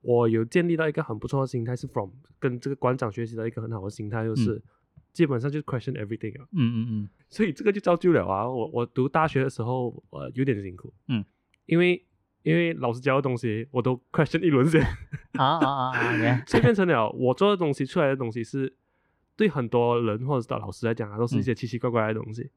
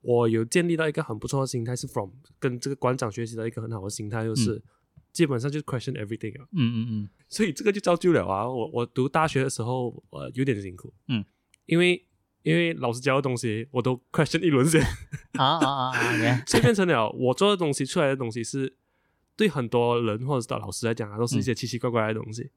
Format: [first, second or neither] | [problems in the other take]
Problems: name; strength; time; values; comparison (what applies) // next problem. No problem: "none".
second | muffled; slightly; fading above 4 kHz